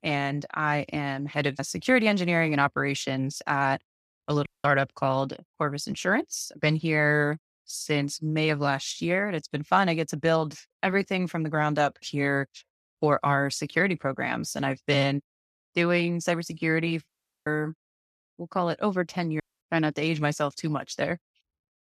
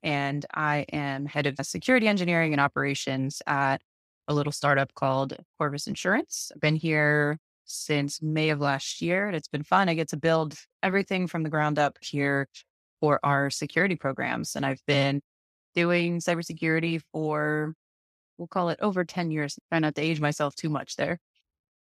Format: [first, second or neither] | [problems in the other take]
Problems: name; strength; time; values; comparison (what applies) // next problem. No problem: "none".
second | audio cutting out; at 4.5 s, at 17 s and at 19 s